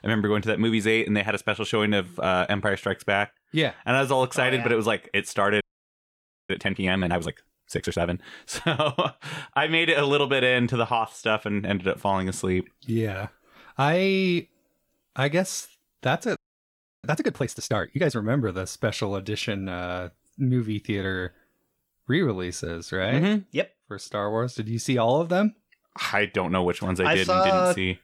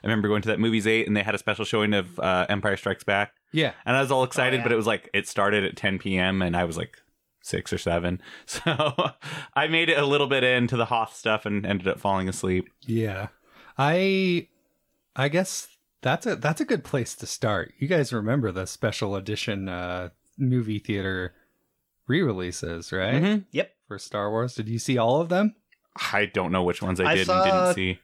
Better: second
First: audio freezing; at 5.5 s for 1 s and at 16 s for 0.5 s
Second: none

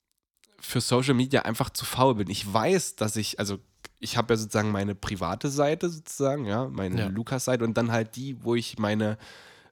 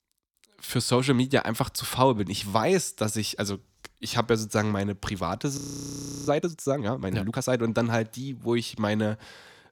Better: first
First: none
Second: audio freezing; at 5.5 s for 0.5 s

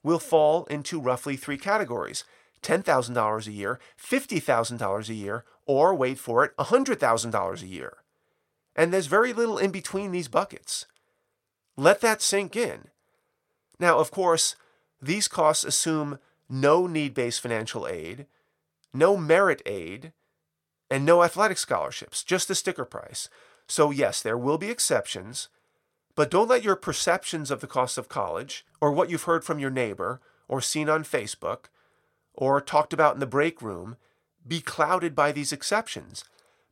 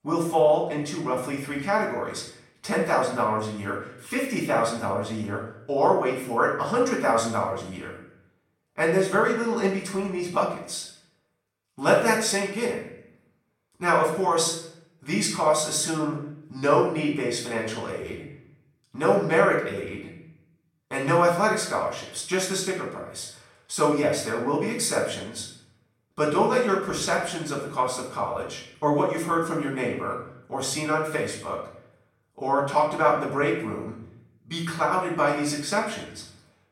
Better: first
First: none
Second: off-mic speech; far // room echo; noticeable; dies away in 0.6 s

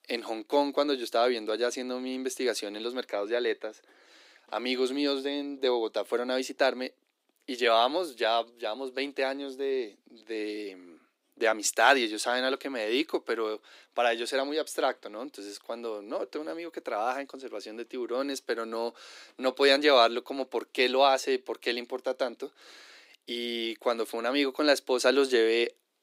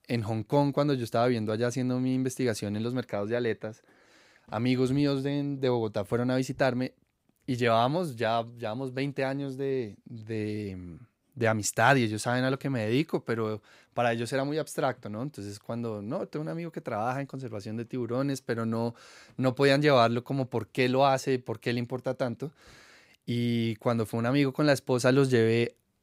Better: second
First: thin; somewhat; fading below 300 Hz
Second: none

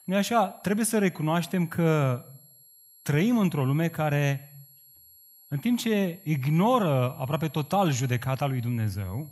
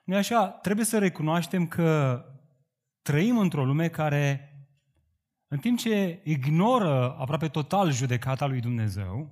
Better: second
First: high-pitched whine; faint; throughout; 11.5 kHz, 25 dB below the speech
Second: none

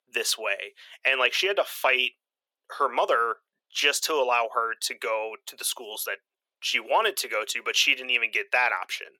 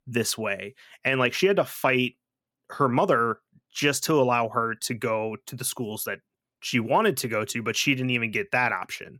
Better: second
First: thin; very; fading below 450 Hz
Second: none

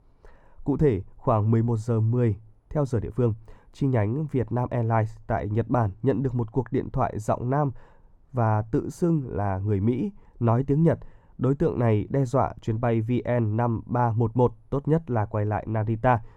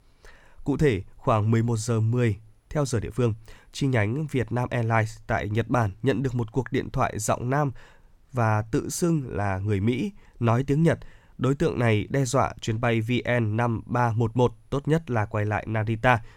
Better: second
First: muffled; slightly; fading above 1.5 kHz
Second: none

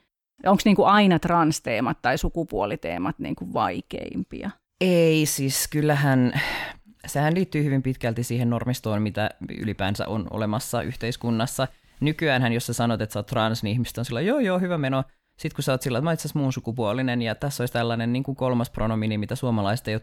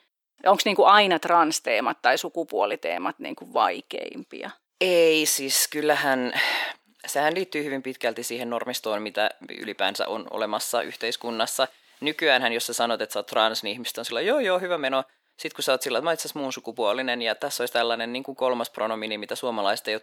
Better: first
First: none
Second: thin; very; fading below 400 Hz

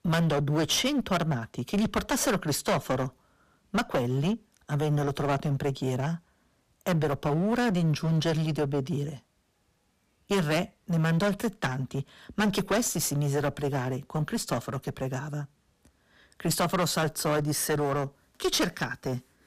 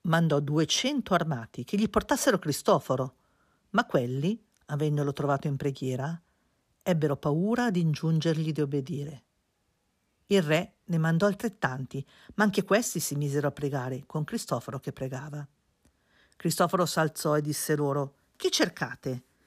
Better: second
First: distortion; heavy; 14% of the sound clipped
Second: none

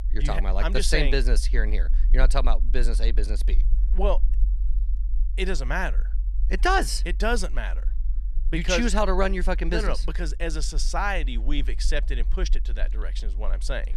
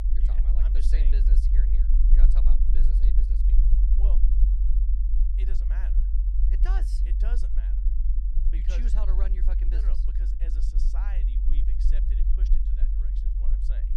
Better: first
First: low rumble; faint; throughout; 25 dB below the speech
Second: low rumble; loud; throughout; 1 dB below the speech

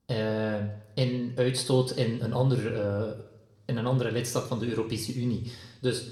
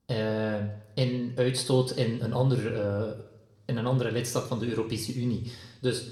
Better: neither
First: room echo; slight; dies away in 0.7 s // off-mic speech; somewhat distant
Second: room echo; slight; dies away in 0.7 s // off-mic speech; somewhat distant

